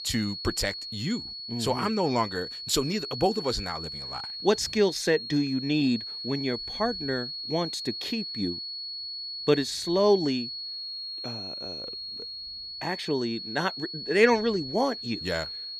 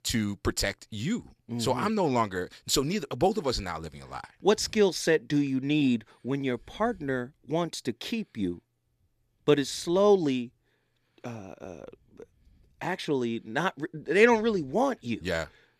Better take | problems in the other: second | high-pitched whine; loud; throughout; 4.5 kHz, 7 dB below the speech

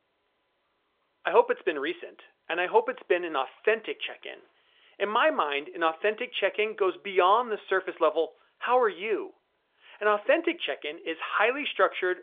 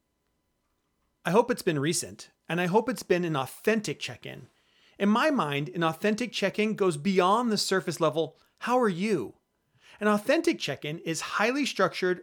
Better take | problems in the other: second | phone-call audio; nothing above 3.5 kHz

